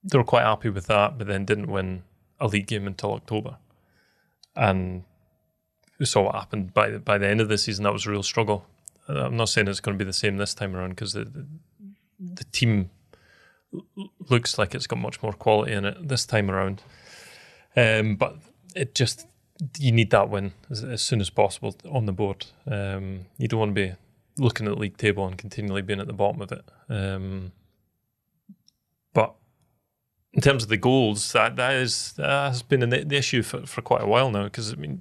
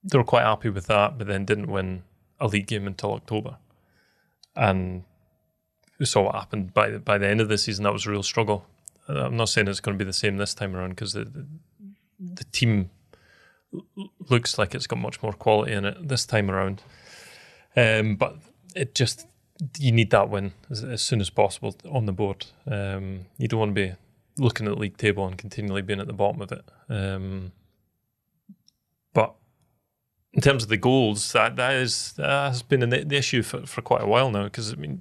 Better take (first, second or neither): neither